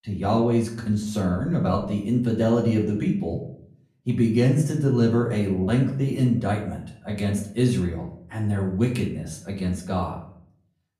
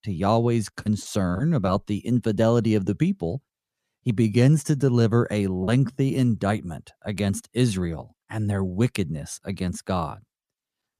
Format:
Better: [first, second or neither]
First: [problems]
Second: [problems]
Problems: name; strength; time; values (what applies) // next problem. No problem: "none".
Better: second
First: off-mic speech; far // room echo; slight; dies away in 0.5 s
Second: none